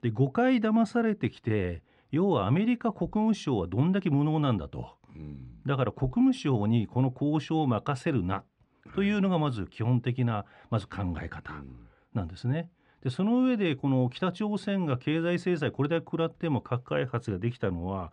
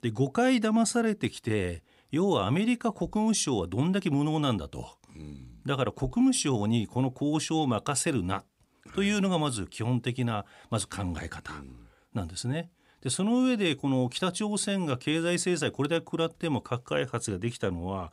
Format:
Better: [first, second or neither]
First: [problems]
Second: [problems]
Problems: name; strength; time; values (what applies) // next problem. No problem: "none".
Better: second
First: muffled; very; fading above 2.5 kHz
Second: none